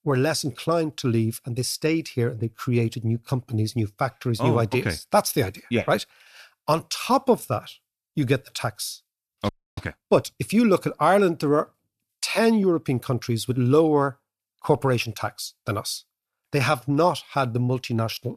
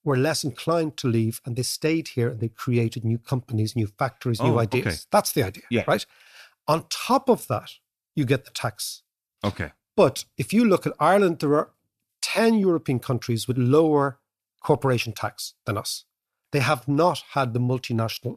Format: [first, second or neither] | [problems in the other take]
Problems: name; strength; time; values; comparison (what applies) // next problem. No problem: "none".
second | audio freezing; at 9.5 s